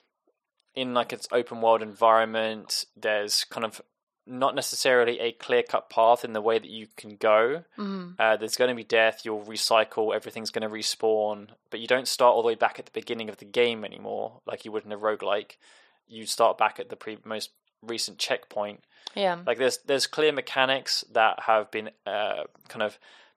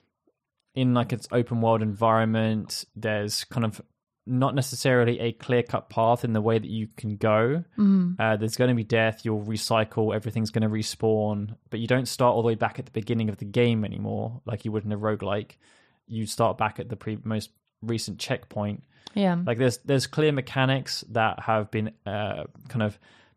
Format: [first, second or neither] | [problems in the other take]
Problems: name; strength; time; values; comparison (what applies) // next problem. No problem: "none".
second | thin; very; fading below 550 Hz